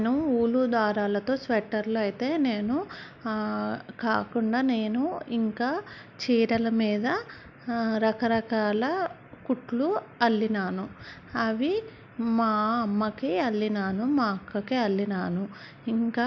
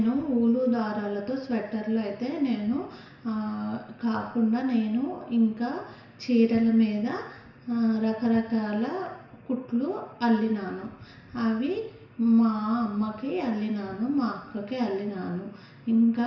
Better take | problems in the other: first | room echo; dies away in 0.9 s

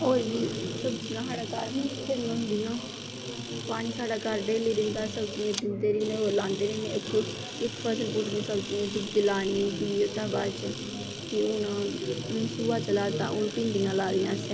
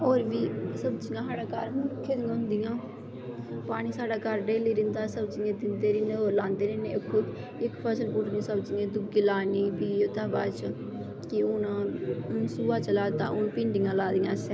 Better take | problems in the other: second | background sound (Camera); 12 dB below the speech

